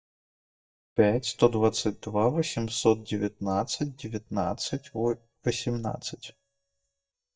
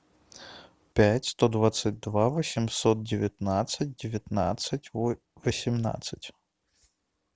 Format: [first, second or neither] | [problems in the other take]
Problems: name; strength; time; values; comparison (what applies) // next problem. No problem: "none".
second | noise reduction (neural mask model DeepFilterNet 3)